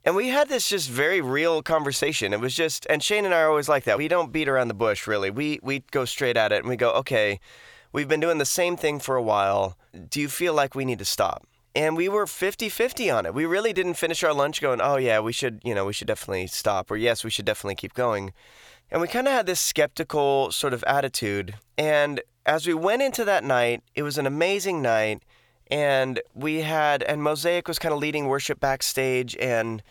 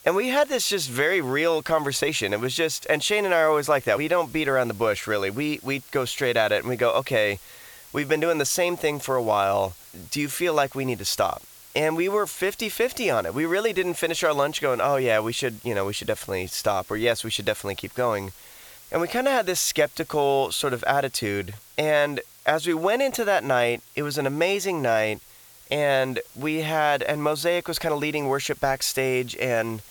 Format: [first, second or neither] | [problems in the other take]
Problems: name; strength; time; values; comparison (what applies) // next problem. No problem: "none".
first | hiss; faint; throughout; 20 dB below the speech